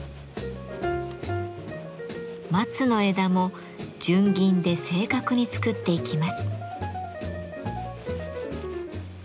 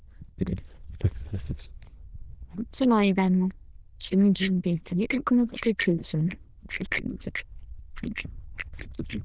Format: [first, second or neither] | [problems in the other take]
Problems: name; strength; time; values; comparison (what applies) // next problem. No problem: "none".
first | noise reduction (neural diffusion model UNIVERSE++)